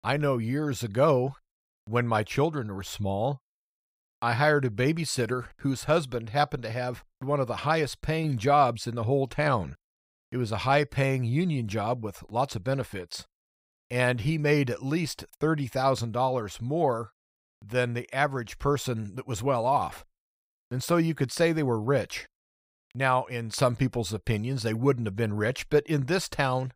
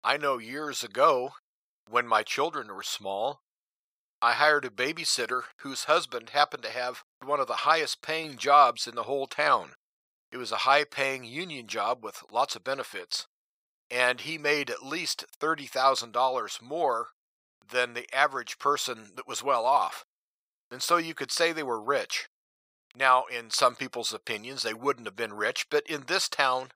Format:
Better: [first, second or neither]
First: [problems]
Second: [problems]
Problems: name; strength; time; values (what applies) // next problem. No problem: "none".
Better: first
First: none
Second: thin; very; fading below 500 Hz